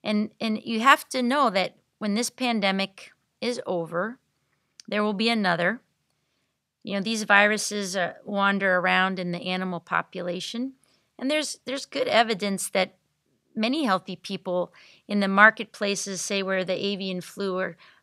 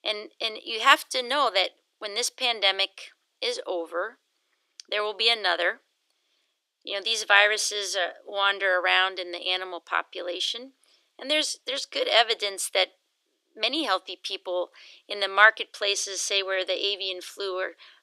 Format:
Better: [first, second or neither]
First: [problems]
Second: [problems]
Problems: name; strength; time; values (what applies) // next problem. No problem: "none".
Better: first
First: none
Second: thin; very; fading below 300 Hz